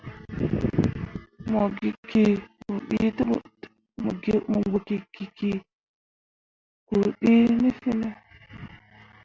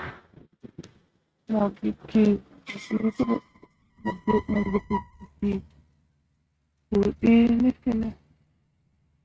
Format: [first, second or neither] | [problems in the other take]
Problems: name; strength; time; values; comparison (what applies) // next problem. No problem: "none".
first | noise reduction (neural mask model RNNoise)